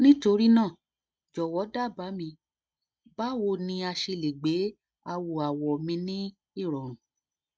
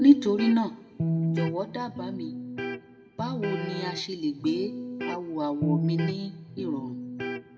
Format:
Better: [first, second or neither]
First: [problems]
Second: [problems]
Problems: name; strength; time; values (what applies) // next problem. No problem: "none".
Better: first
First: none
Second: background sound (Electric guitar); 4 dB below the speech // room echo; dies away in 1.5 s